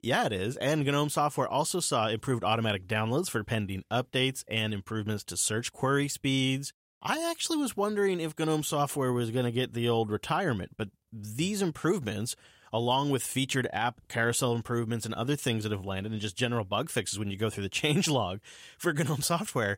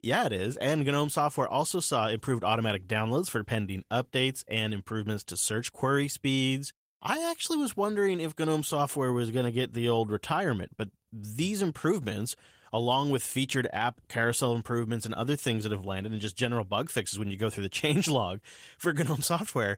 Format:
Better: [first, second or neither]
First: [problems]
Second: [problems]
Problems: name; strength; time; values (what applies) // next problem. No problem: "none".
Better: first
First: none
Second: garbled, watery; slightly; nothing above 16 kHz